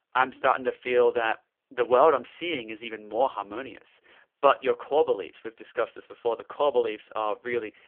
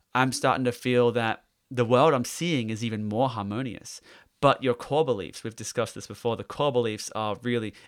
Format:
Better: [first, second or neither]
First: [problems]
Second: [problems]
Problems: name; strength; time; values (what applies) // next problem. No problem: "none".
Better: second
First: phone-call audio; poor line; nothing above 3.5 kHz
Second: none